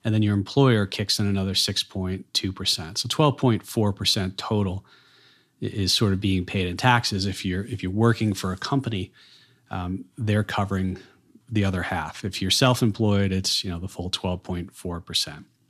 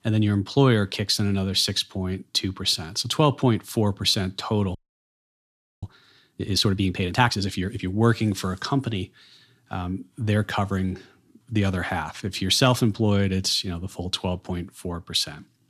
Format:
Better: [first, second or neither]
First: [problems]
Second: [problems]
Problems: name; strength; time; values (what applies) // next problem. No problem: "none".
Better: first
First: none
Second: audio freezing; at 5 s for 1 s